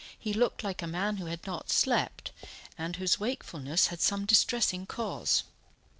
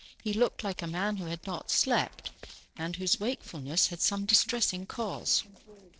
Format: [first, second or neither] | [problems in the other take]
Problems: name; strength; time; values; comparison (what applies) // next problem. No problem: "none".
first | noise reduction (neural separator model SepFormer DNS4)